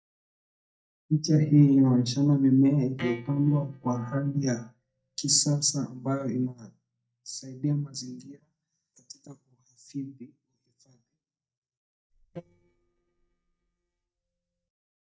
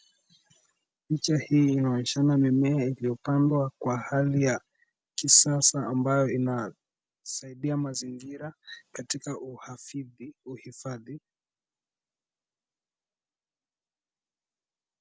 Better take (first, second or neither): second